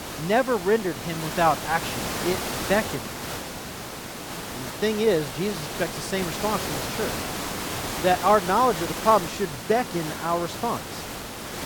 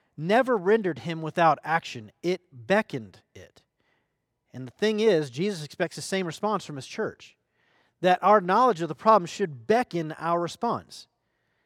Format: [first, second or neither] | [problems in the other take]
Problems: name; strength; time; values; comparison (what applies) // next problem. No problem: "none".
second | hiss; loud; throughout; 6 dB below the speech